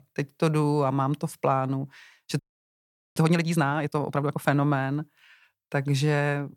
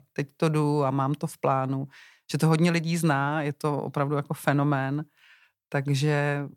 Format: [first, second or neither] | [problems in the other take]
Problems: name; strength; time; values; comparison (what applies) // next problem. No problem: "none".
second | audio freezing; at 2.5 s for 1 s